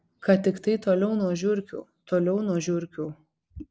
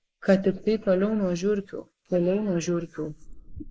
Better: first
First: none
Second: noise reduction (neural mask model Resemble Enhance denoiser)

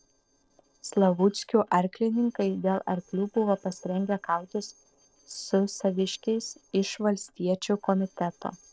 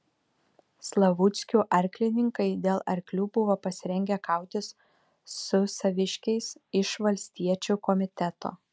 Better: second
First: noise reduction (neural separator model SepFormer DNS4)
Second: none

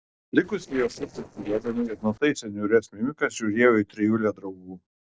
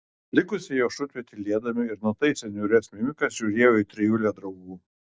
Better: second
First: noise reduction (neural separator model SepFormer DNS4)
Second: none

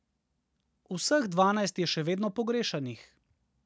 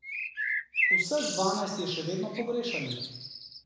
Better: first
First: none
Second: background sound (Bird); as loud as the speech // room echo; dies away in 1 s

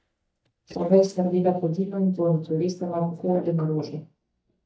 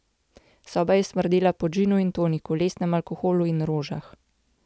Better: second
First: noise reduction (neural mask model DeepFilterNet 3)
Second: none

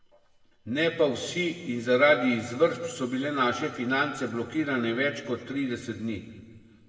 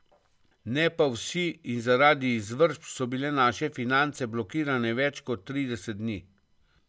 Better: second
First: room echo; dies away in 1.5 s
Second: none

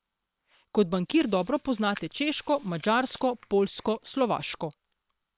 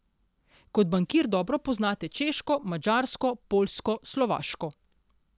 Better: second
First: noise reduction (neural separator model SepFormer WHAM!)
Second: none

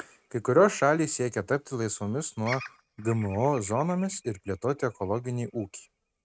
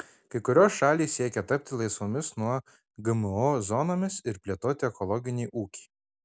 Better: second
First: noise reduction (neural mask model RNNoise)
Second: none

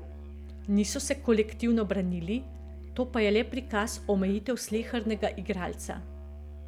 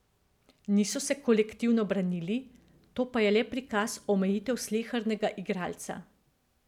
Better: second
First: background sound (Musical instrument); 12 dB below the speech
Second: none

